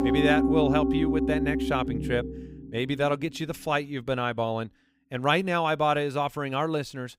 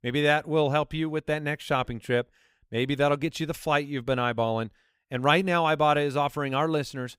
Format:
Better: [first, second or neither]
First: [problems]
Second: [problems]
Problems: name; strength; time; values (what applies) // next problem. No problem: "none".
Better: second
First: background music; very loud; until 2 s; 1 dB above the speech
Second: none